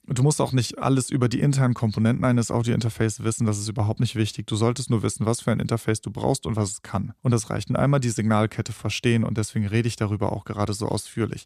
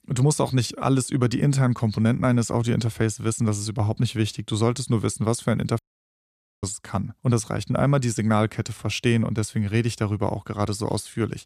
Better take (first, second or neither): first